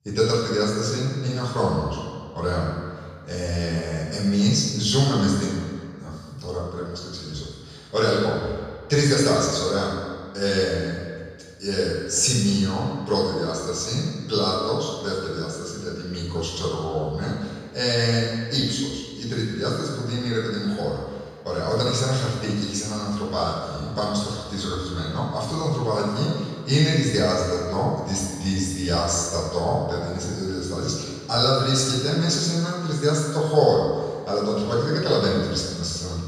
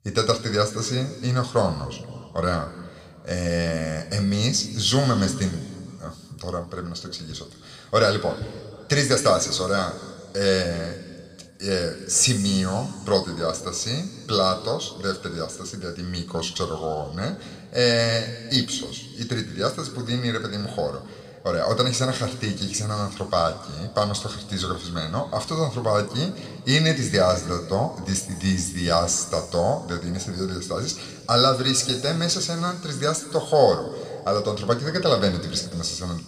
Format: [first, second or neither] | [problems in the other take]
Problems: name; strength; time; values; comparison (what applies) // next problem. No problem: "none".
second | room echo; strong; dies away in 1.6 s; slight in the second // off-mic speech; far